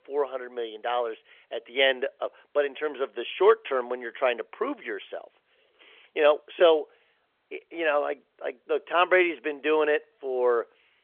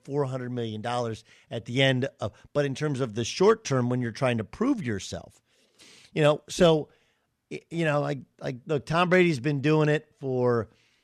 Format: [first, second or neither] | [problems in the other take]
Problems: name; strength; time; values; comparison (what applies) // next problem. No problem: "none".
second | phone-call audio; nothing above 3.5 kHz